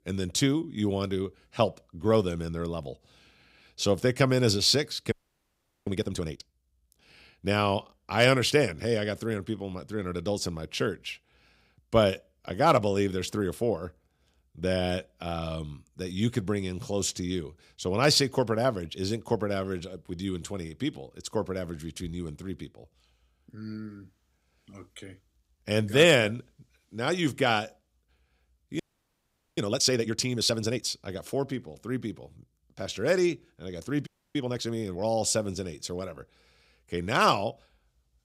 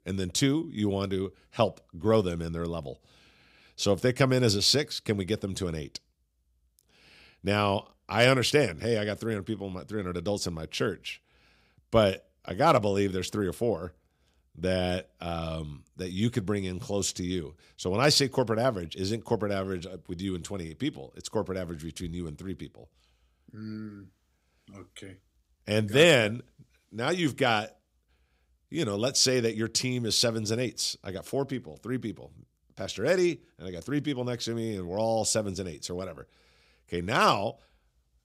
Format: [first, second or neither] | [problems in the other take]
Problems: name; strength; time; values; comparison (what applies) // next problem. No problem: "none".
second | audio freezing; at 5 s for 0.5 s, at 29 s for 1 s and at 34 s